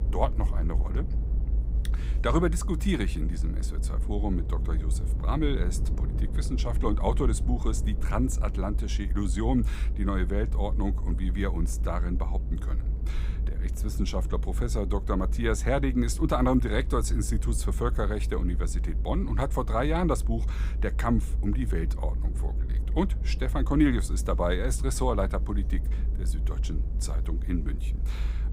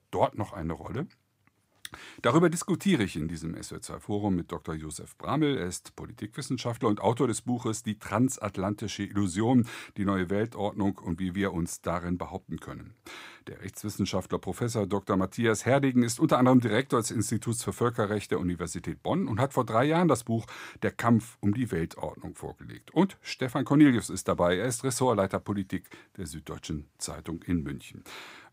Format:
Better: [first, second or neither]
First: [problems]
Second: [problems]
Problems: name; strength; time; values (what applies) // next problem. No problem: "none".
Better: second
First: low rumble; noticeable; throughout; 15 dB below the speech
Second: none